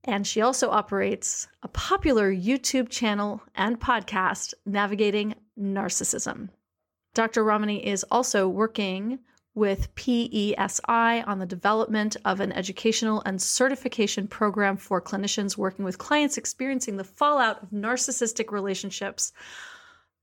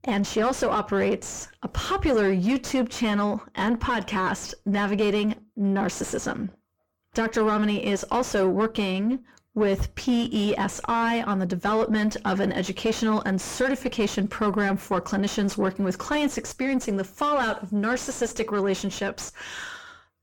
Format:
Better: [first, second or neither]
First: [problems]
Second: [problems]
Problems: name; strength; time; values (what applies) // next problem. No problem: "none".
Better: first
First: none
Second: distortion; heavy; 5 dB below the speech